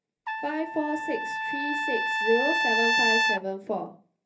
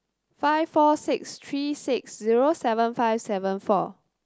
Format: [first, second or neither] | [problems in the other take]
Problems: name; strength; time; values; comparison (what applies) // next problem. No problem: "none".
second | background sound (Trumpet); 4 dB above the speech // room echo; dies away in 0.3 s